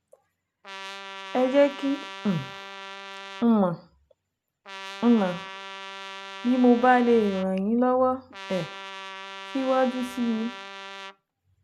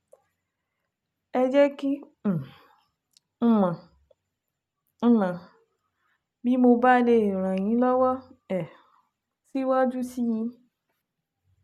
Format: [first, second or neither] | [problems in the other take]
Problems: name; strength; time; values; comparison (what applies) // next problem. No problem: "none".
second | background sound (Trumpet); 14 dB below the speech